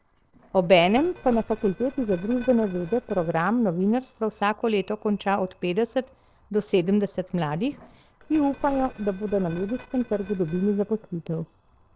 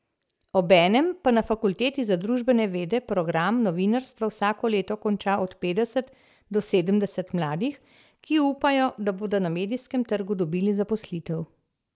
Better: second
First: noise reduction (neural separator model SepFormer DNS4)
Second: none

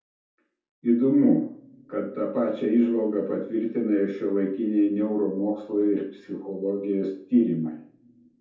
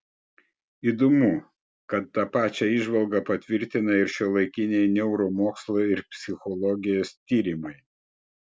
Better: second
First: room echo; dies away in 0.6 s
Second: none

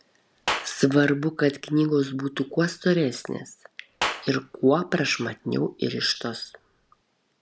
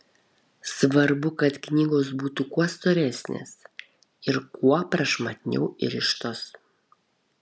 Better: second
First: background sound (Clapping); 12 dB below the speech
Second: none

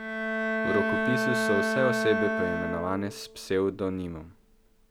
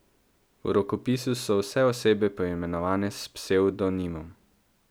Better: second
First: background sound (Bowed string instrument); 1 dB above the speech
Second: none

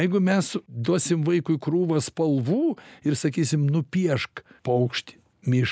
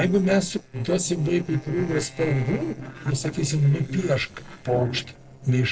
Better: first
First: none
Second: noise reduction (neural separator model SepFormer DNS4)

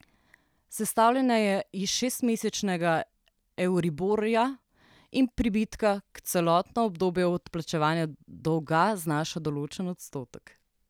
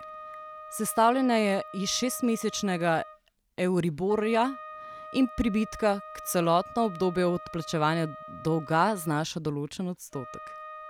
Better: first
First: none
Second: background sound (Wind instrument, woodwind instrument); 16 dB below the speech

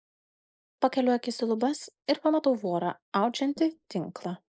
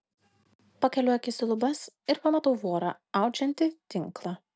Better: second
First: noise reduction (neural mask model Resemble Enhance denoiser)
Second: none

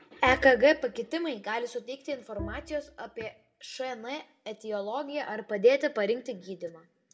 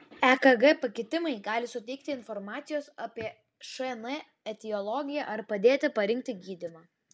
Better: second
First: background sound (Bowed string instrument); 16 dB below the speech // room echo; dies away in 0.4 s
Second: none

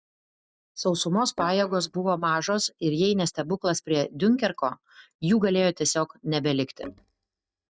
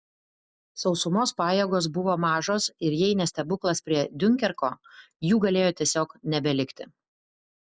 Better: second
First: noise reduction (neural mask model DeepFilterNet 3)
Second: none

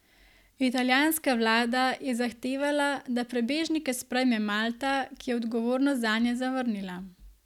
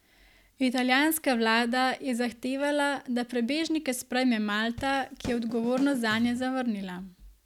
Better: first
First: none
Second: background sound (Drum kit); 15 dB below the speech

